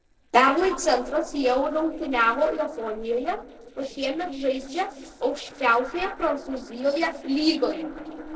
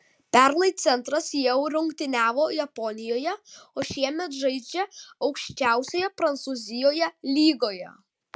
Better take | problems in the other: second | noise reduction (neural separator model SepFormer DNS4)

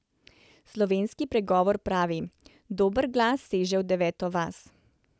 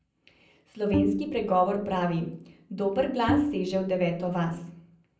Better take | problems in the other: first | background sound (Bowed string instrument); 3 dB below the speech // room echo; dies away in 0.6 s

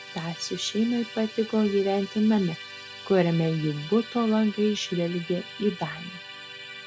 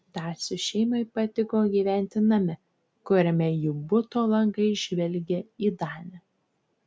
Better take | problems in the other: second | background sound (Musical instrument); 15 dB below the speech

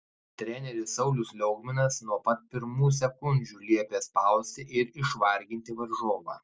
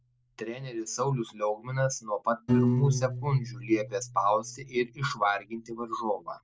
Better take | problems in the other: first | background sound (Piano); 5 dB below the speech

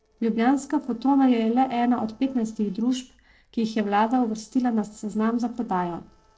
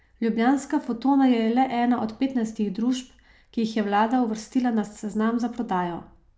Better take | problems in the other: second | noise reduction (neural separator model SepFormer DNS4)

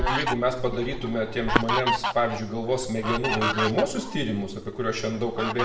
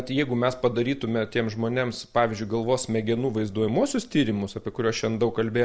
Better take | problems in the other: second | background sound (Fowl); 3 dB below the speech // room echo; dies away in 0.6 s

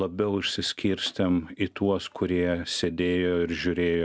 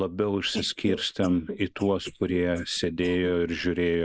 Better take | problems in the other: first | noise reduction (neural mask model Resemble Enhance denoiser)

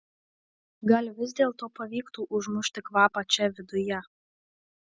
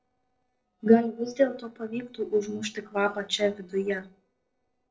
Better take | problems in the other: first | noise reduction (neural separator model SepFormer DNS4)

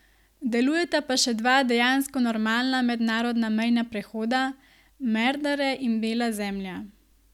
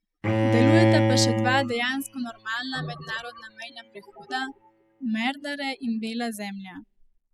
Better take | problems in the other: first | noise reduction (classical method spectral subtraction)

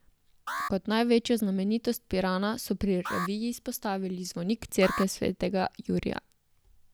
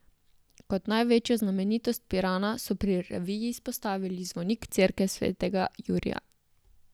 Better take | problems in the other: second | background sound (Alarm); 12 dB below the speech

